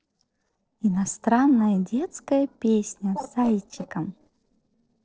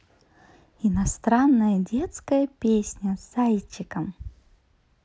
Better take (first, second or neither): second